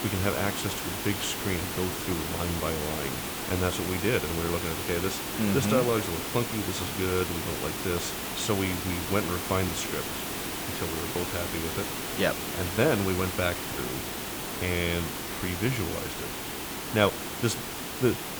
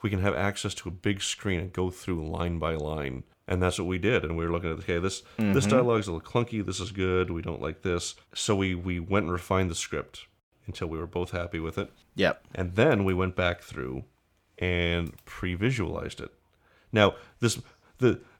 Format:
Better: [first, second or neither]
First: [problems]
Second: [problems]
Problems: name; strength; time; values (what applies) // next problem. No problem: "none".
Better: second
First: hiss; loud; throughout; 2 dB below the speech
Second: none